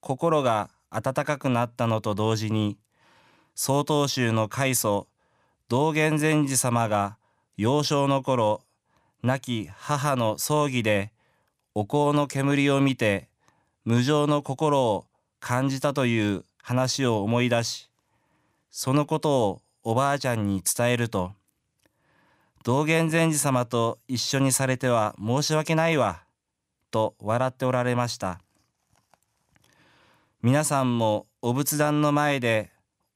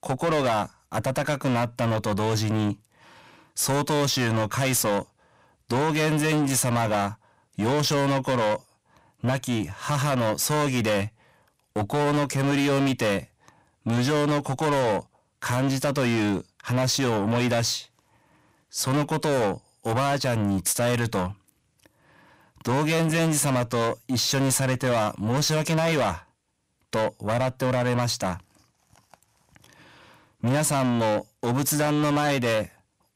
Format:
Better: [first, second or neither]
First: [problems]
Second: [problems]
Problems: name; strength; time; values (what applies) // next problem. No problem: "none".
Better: first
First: none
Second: distortion; heavy; 6 dB below the speech